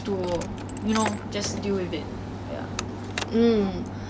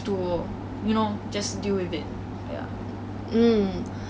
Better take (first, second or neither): second